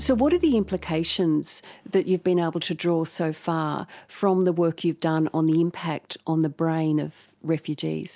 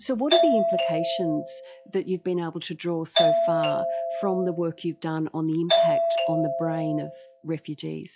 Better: first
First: none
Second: noise reduction (classical method log-MMSE)

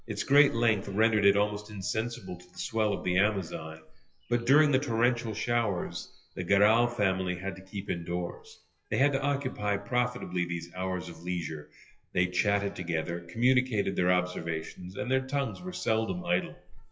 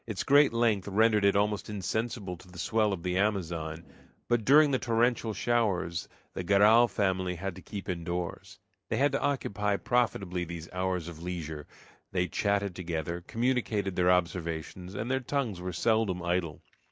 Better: second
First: noise reduction (classical method WPE with log-MMSE)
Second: none

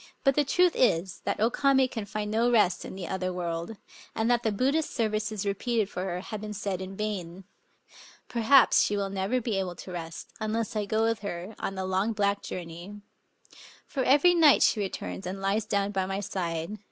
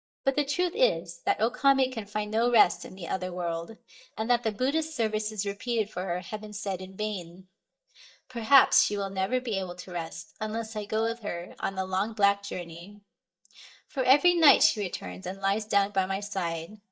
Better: first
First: none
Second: noise reduction (neural mask model DeepFilterNet 3)

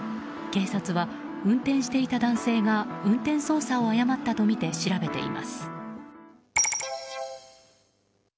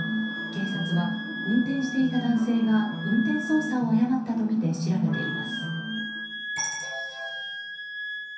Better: first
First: none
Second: background sound (Wind instrument, woodwind instrument); 9 dB below the speech // room echo; dies away in 0.6 s

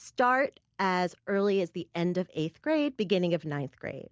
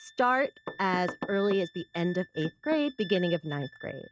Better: first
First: none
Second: noise reduction (neural mask model RNNoise)

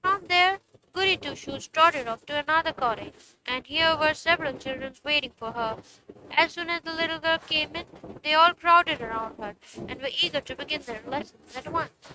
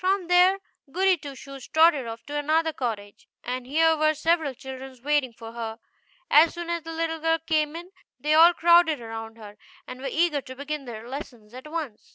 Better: second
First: noise reduction (neural mask model RNNoise)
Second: none

